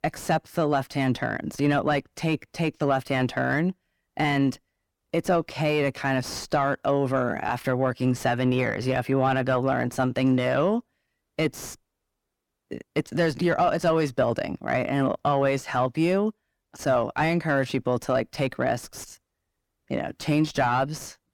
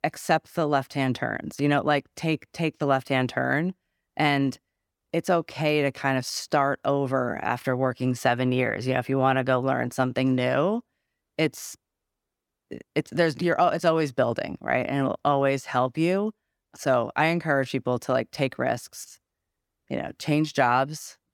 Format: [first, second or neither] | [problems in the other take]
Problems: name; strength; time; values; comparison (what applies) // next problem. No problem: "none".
second | distortion; slight; 10 dB below the speech